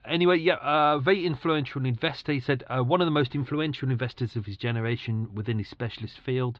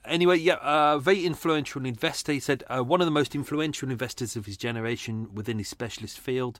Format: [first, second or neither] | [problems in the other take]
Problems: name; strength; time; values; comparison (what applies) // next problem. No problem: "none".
second | muffled; slightly; fading above 4 kHz